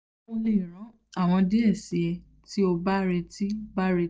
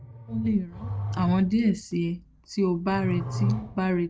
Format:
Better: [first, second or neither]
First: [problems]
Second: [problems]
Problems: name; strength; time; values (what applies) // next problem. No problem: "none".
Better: first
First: none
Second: background sound (Growling); 7 dB below the speech